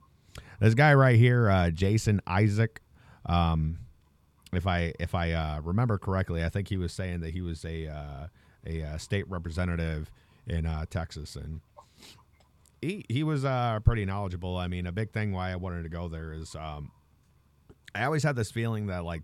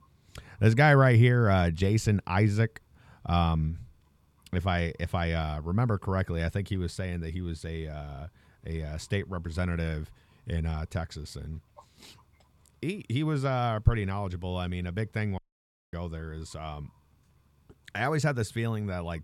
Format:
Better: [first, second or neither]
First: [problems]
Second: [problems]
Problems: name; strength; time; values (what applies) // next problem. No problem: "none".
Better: first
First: none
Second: audio cutting out; at 15 s for 0.5 s